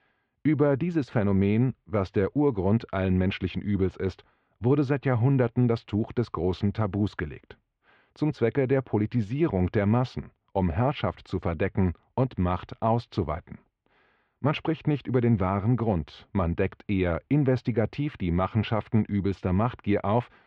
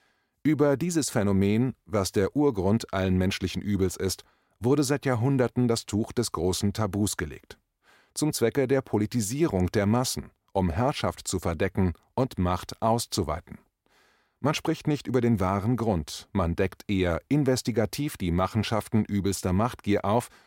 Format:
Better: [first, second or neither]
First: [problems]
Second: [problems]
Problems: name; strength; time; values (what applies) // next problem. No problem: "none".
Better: second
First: muffled; very; fading above 3 kHz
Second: none